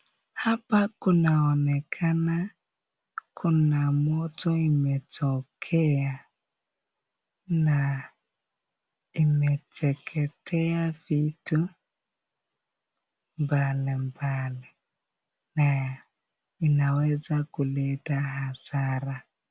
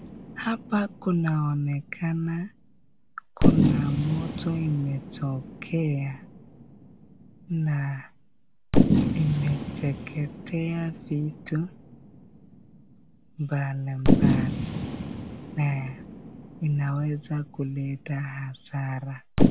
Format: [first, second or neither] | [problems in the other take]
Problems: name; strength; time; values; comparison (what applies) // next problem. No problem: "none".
first | background sound (Fireworks); 1 dB above the speech